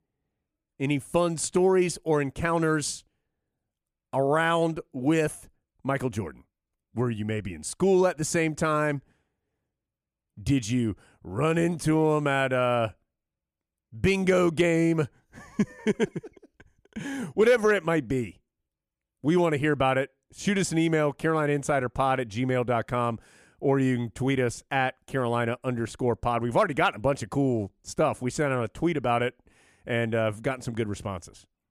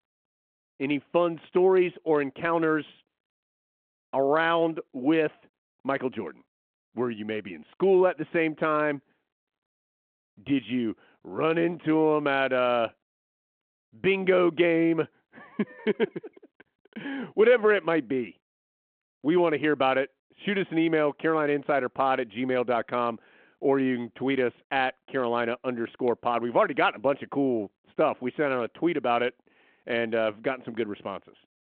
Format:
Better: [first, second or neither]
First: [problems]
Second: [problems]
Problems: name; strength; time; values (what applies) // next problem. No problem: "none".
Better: first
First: none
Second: phone-call audio